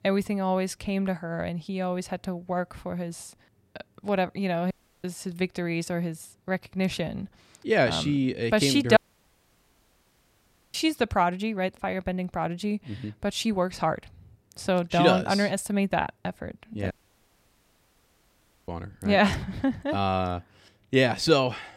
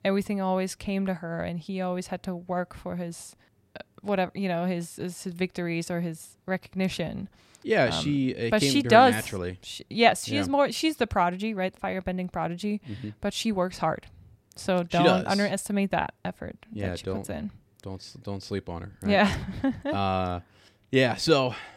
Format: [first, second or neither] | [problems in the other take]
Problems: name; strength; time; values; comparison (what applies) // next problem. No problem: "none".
second | audio cutting out; at 4.5 s, at 9 s for 2 s and at 17 s for 2 s